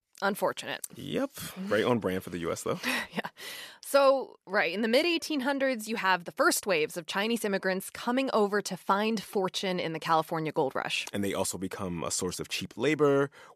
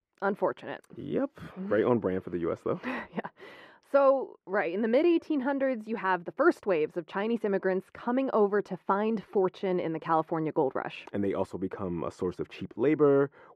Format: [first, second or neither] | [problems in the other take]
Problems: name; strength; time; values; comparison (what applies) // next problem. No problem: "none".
first | muffled; very; fading above 3.5 kHz